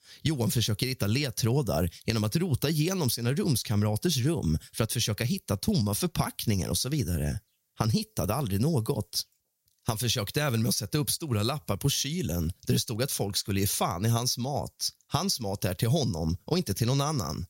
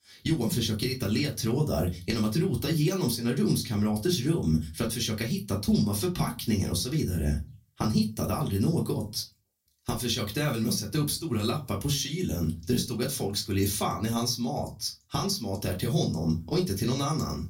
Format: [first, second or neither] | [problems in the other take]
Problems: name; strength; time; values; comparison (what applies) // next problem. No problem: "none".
first | off-mic speech; far // room echo; very slight; dies away in 0.2 s